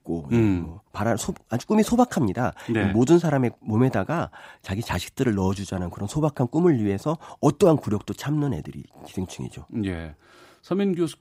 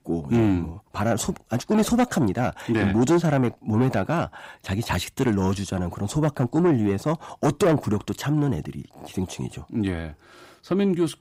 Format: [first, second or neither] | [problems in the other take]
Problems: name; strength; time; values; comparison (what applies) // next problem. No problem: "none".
first | distortion; slight; 10 dB below the speech